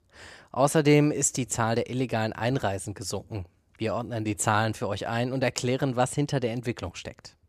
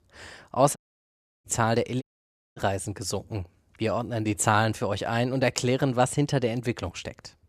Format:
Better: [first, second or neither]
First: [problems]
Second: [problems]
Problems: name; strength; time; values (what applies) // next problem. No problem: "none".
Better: first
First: none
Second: audio cutting out; at 1 s for 0.5 s and at 2 s for 0.5 s